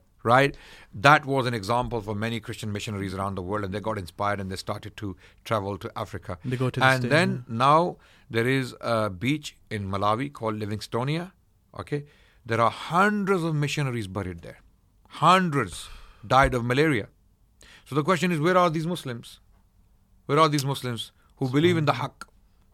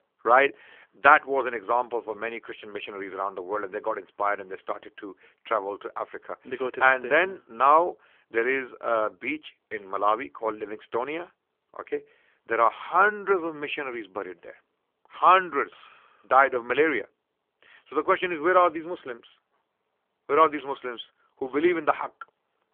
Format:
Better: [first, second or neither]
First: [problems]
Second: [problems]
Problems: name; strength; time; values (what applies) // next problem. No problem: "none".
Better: first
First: none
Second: phone-call audio; nothing above 3.5 kHz